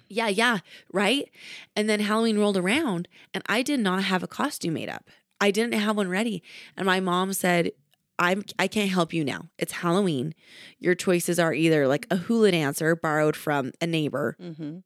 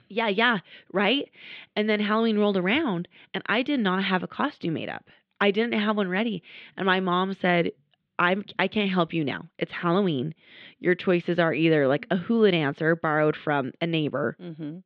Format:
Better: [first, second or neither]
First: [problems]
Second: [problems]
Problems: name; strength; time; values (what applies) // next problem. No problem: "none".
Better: first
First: none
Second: muffled; slightly; fading above 3.5 kHz